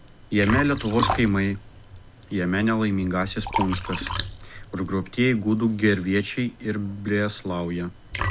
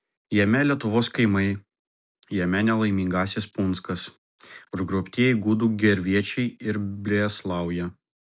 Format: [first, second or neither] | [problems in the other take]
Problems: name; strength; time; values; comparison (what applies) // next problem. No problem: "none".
second | background sound (Liquid); 8 dB below the speech